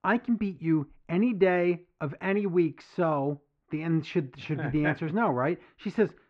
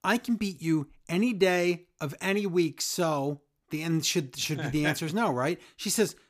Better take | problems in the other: second | muffled; very; fading above 2 kHz

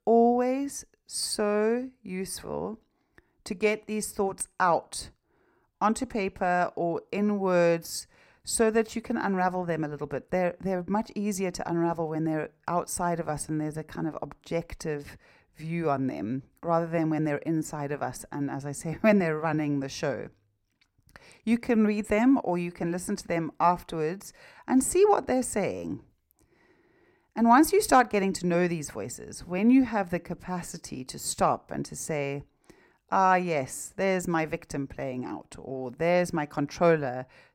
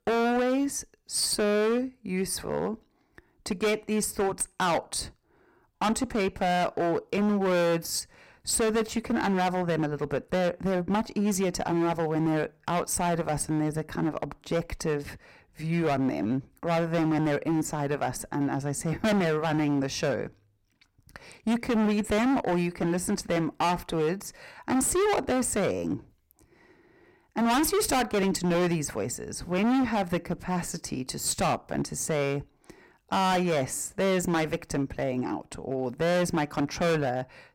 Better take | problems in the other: first | distortion; heavy; 16% of the sound clipped

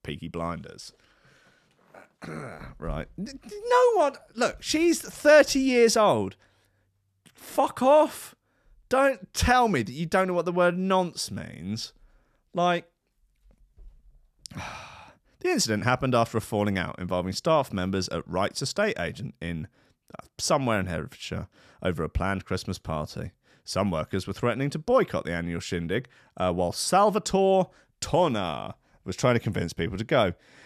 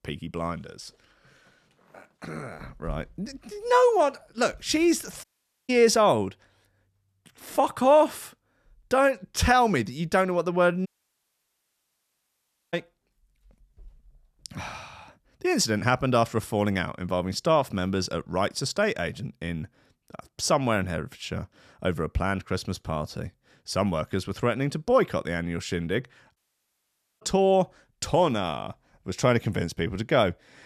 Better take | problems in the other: first | audio cutting out; at 5 s, at 11 s for 2 s and at 26 s for 1 s

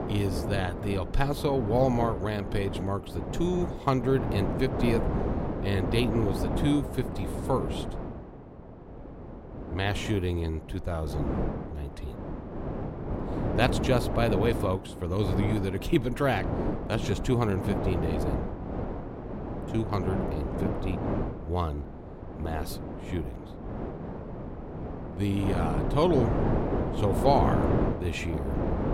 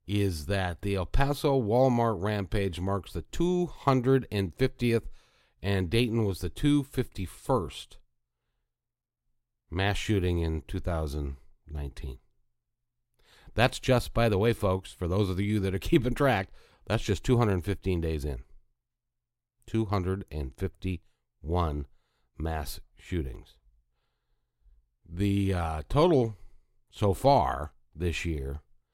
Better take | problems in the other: second | wind noise on the microphone; heavy; 4 dB below the speech

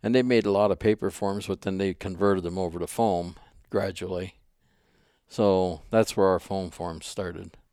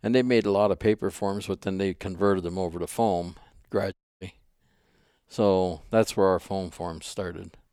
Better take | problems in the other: first | audio cutting out; at 4 s

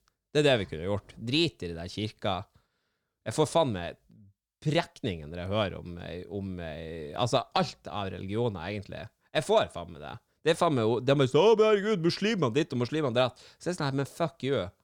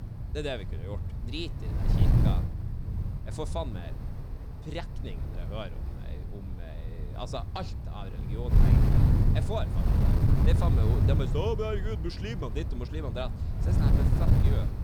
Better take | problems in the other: first | wind noise on the microphone; heavy; 2 dB below the speech

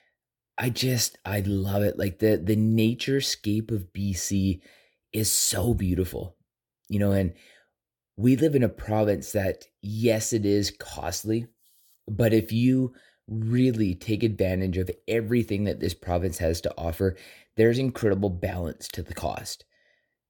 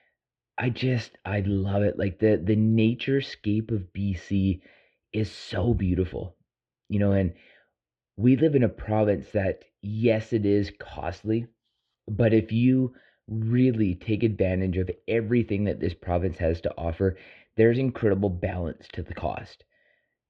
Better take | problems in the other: first | muffled; very; fading above 3 kHz

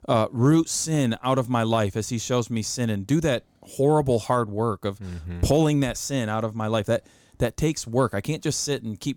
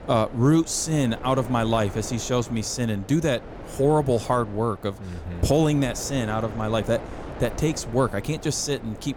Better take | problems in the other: first | wind noise on the microphone; occasional gusts; 15 dB below the speech

